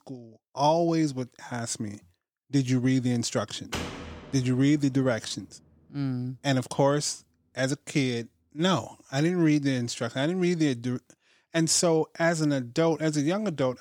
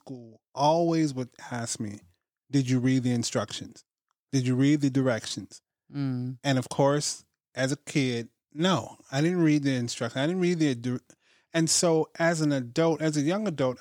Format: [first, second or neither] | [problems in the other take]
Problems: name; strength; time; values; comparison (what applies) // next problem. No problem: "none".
second | door banging; noticeable; at 3.5 s; peak 8 dB below the speech